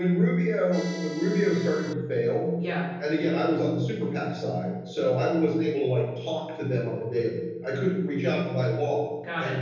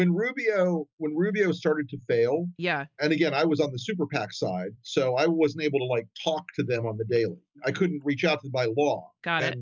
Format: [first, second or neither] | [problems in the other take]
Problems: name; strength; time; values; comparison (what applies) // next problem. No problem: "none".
second | background sound (Accordion); 15 dB below the speech // room echo; dies away in 1.1 s